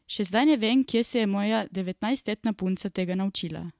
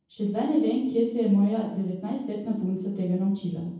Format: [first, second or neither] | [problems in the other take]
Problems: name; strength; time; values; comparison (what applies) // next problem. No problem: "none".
first | room echo; dies away in 0.9 s